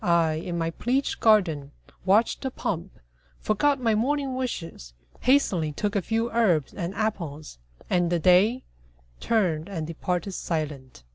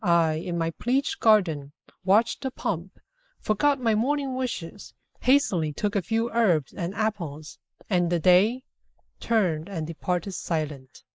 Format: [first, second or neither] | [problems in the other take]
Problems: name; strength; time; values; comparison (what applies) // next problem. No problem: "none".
first | noise reduction (neural mask model Resemble Enhance denoiser)